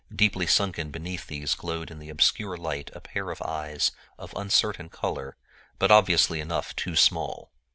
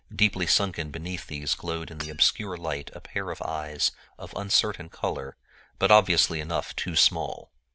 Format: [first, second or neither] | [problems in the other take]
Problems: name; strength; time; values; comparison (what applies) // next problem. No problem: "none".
first | background sound (Shatter / Hammer); 17 dB below the speech